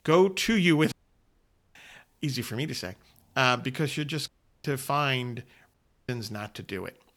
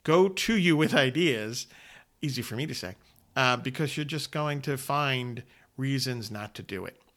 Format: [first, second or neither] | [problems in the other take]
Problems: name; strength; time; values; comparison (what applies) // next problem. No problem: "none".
second | audio cutting out; at 1 s for 1 s, at 4.5 s and at 5.5 s